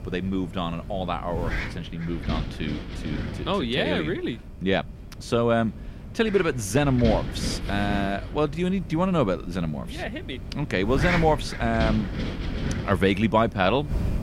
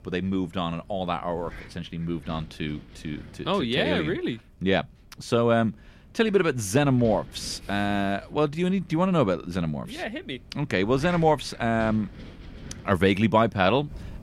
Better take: second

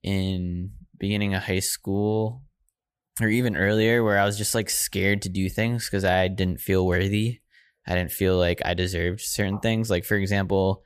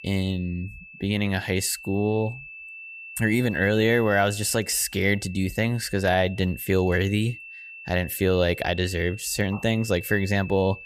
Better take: first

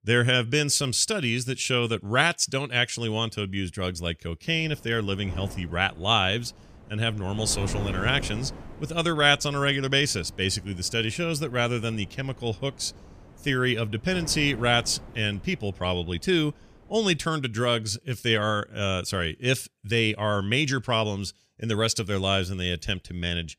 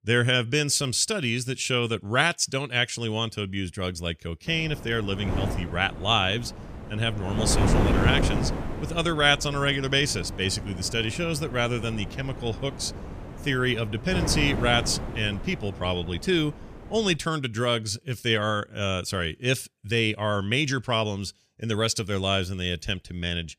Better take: first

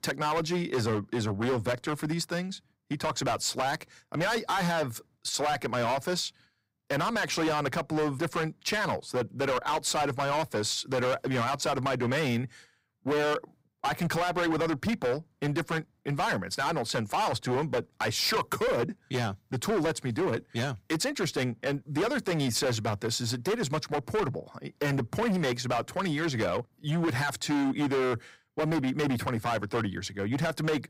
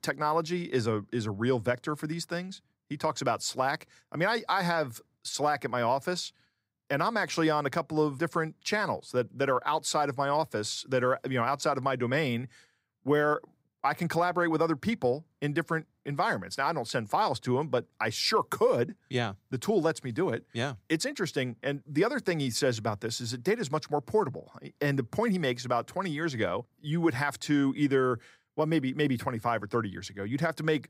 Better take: second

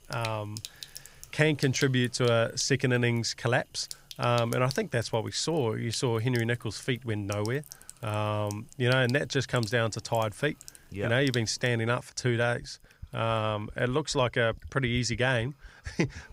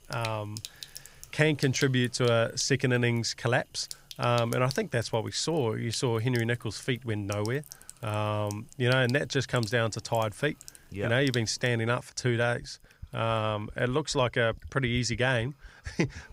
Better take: neither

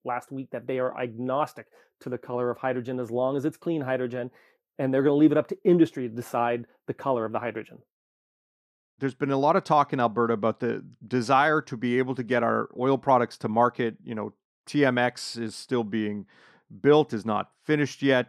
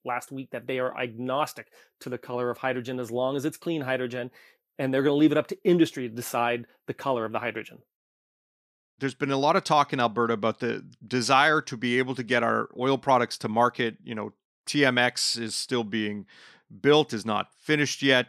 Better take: second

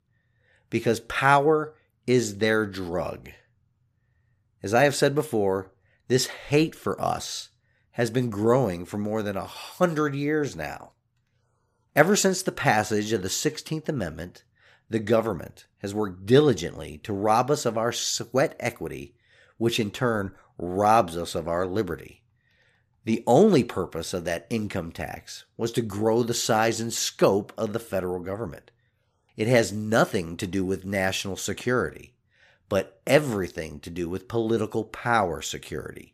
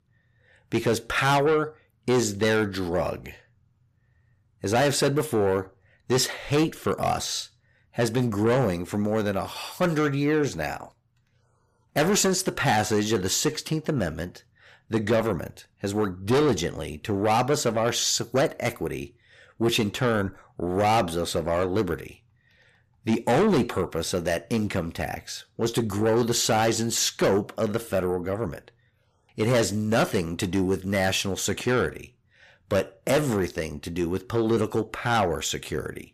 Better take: first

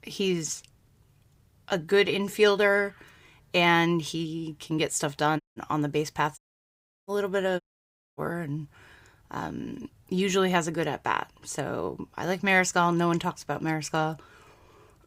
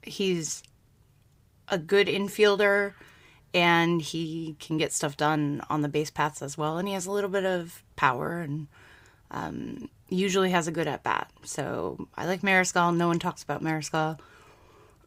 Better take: second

